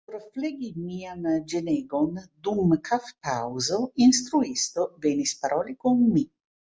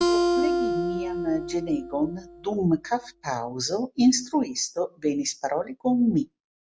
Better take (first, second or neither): first